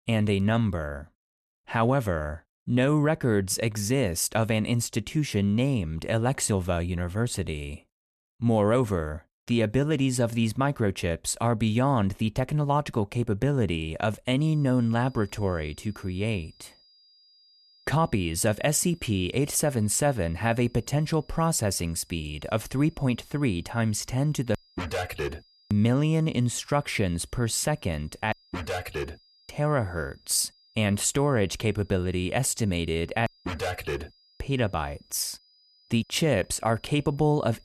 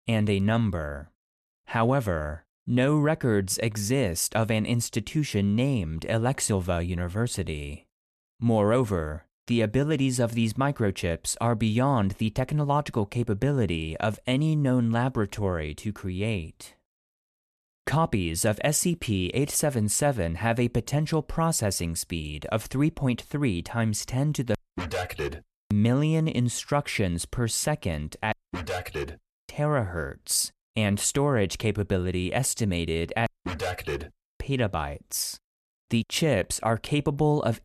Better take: second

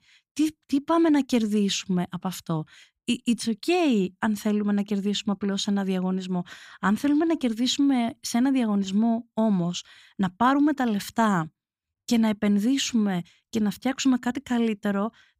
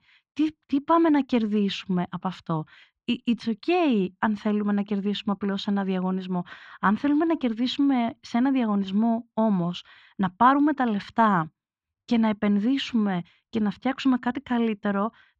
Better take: first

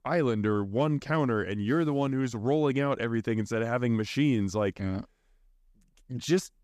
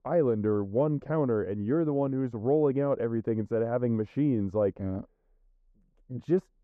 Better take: first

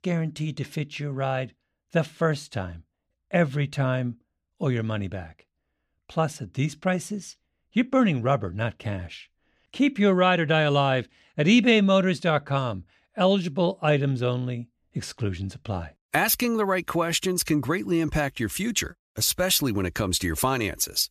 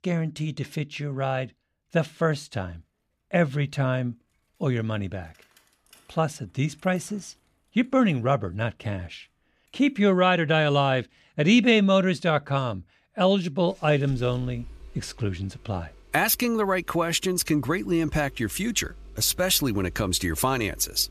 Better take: first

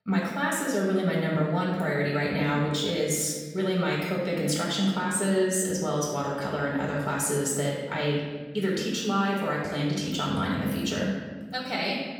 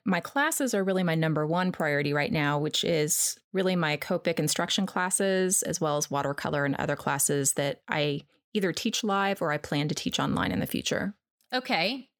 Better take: second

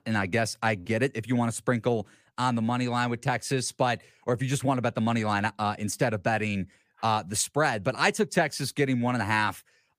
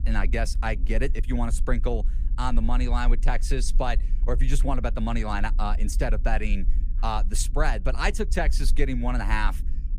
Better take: first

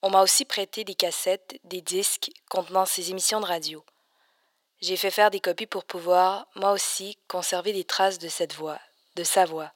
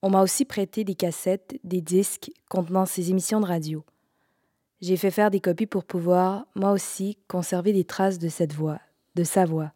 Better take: second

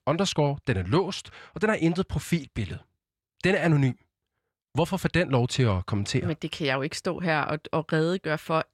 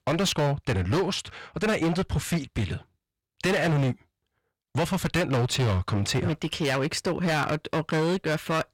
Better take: first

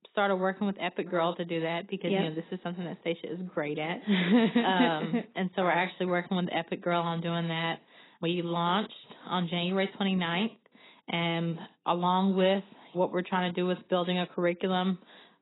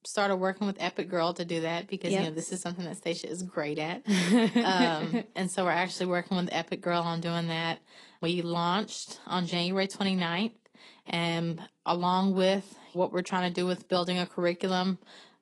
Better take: second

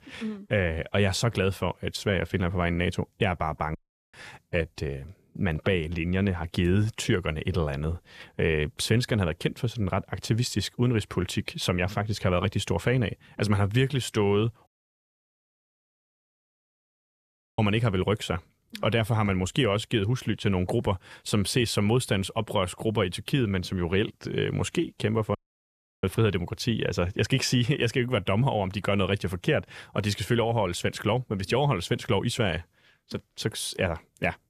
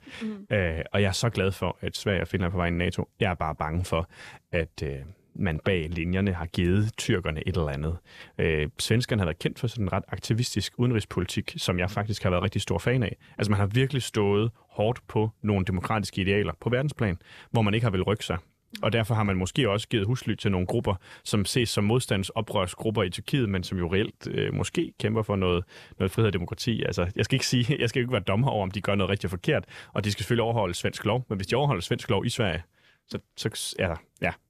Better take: second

